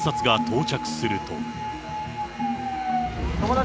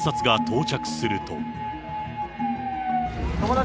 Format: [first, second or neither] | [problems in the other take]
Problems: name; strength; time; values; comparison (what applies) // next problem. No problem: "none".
second | background sound (Domestic sounds, home sounds); 19 dB below the speech